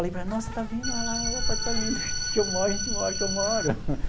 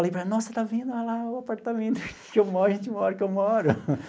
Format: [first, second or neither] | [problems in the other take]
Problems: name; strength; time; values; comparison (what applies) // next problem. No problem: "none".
second | background sound (Organ + Insect); 1 dB above the speech